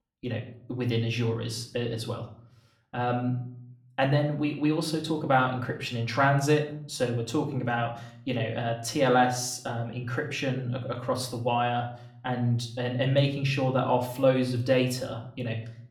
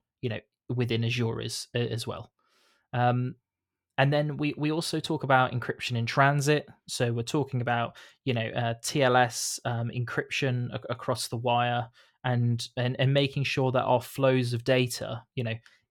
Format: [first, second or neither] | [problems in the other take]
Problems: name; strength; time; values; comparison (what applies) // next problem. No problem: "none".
second | room echo; slight; dies away in 0.5 s // off-mic speech; somewhat distant